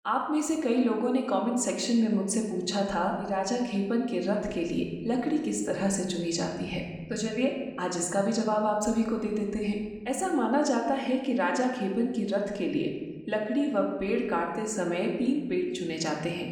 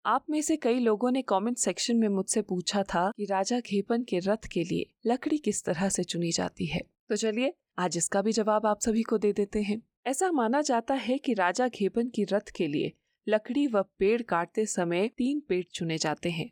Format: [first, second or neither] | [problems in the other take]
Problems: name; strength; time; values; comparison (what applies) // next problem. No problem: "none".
second | room echo; noticeable; dies away in 1.3 s // off-mic speech; somewhat distant